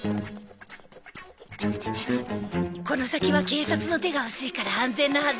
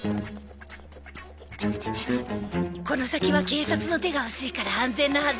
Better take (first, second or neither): first